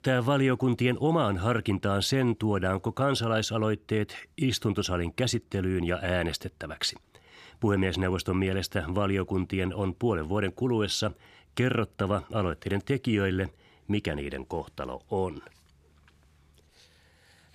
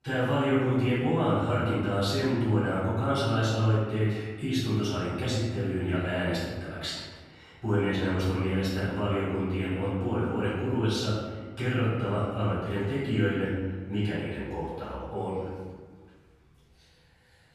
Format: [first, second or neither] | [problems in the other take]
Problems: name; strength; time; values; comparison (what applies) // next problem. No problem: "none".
first | off-mic speech; far // room echo; strong; dies away in 1.4 s